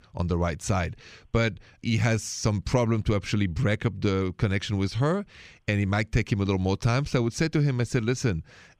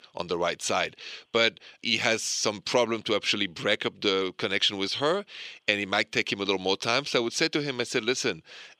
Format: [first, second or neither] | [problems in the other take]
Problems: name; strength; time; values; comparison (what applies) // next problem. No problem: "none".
first | thin; somewhat; fading below 400 Hz